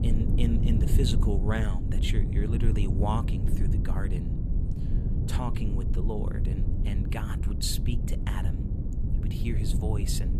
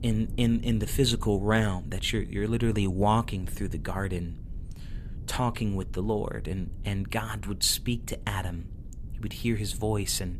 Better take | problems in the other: second | low rumble; loud; throughout; 4 dB below the speech; faint in the second

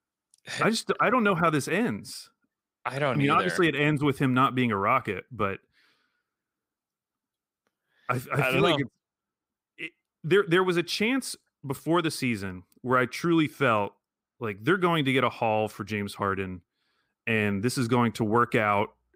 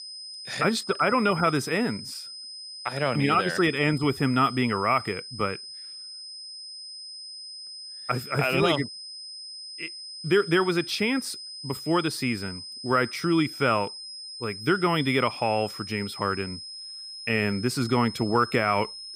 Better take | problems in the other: first | high-pitched whine; noticeable; throughout; 5 kHz, 10 dB below the speech

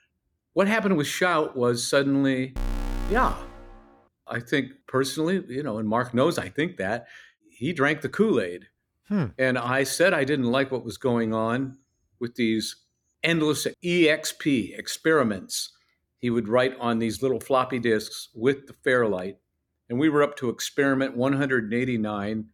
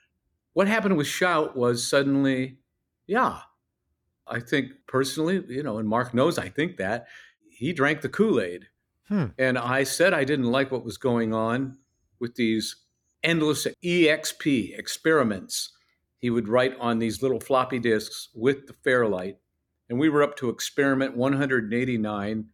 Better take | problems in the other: second | alarm; noticeable; from 2.5 to 3.5 s; peak 8 dB below the speech

